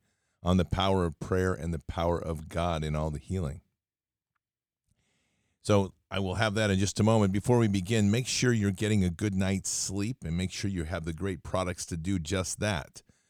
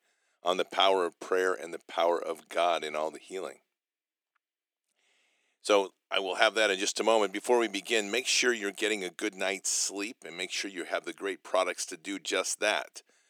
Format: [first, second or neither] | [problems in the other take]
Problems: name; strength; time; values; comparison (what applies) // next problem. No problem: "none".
first | thin; very; fading below 300 Hz